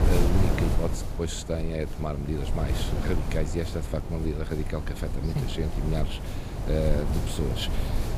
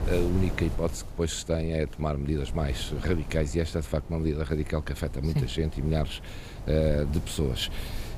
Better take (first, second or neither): second